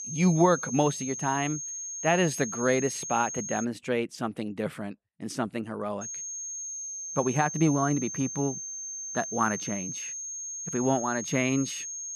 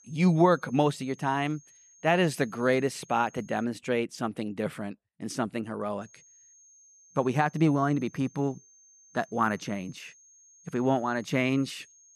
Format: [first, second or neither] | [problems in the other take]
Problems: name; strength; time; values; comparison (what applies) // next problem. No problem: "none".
second | high-pitched whine; loud; until 3.5 s and from 6 s on; 6.5 kHz, 6 dB below the speech; faint in the second